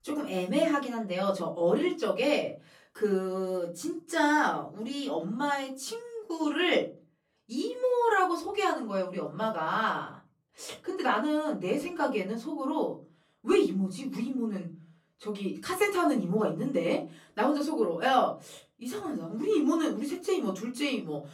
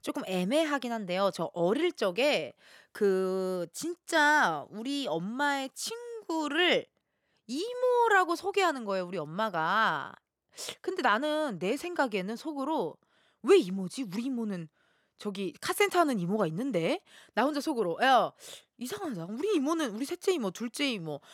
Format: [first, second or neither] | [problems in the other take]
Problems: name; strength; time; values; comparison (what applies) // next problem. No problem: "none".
second | off-mic speech; far // room echo; very slight; dies away in 0.3 s